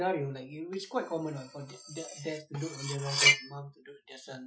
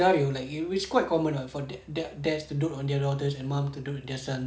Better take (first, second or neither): second